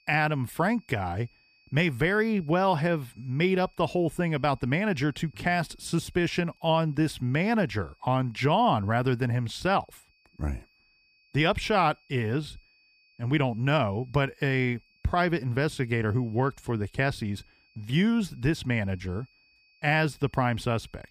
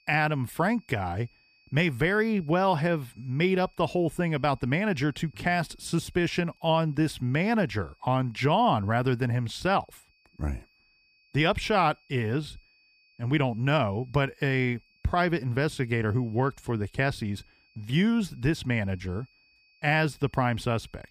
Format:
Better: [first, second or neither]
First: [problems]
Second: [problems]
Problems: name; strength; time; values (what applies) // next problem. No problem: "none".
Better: neither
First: high-pitched whine; faint; throughout; 2.5 kHz, 35 dB below the speech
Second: high-pitched whine; faint; throughout; 2.5 kHz, 35 dB below the speech